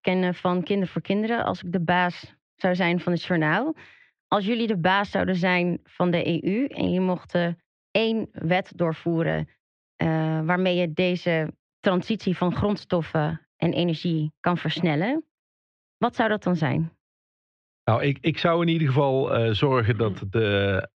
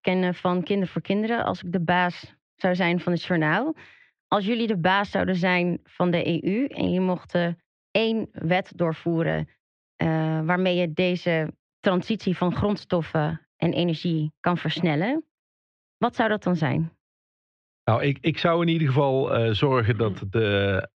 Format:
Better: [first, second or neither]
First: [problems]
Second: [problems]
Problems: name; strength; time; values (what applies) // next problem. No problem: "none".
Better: neither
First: muffled; slightly; fading above 3.5 kHz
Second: muffled; slightly; fading above 3.5 kHz